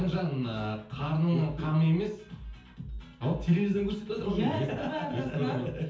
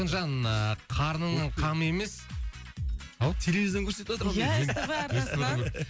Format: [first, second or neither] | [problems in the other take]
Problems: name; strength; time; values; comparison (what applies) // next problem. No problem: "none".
second | room echo; dies away in 0.5 s